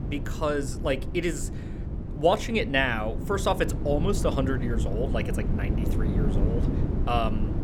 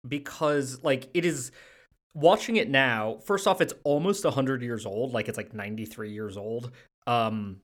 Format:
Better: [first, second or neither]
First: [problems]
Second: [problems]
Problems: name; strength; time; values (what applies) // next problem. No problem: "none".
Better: second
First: wind noise on the microphone; occasional gusts; 10 dB below the speech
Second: none